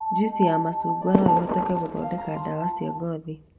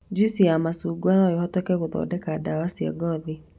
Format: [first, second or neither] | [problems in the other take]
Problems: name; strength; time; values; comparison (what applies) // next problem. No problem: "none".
second | background sound (Piano + Fireworks); 1 dB above the speech